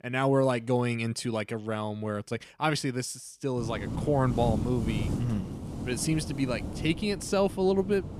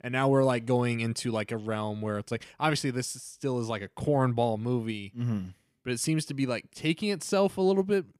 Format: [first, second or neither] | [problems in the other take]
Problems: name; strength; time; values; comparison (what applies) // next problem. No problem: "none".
second | wind noise on the microphone; occasional gusts; from 3.5 s on; 10 dB below the speech